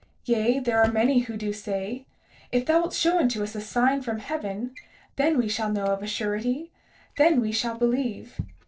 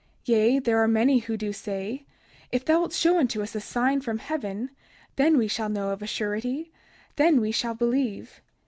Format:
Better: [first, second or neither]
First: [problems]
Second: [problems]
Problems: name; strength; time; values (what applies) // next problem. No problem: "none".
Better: second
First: noise reduction (neural separator model SepFormer DNS4)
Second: none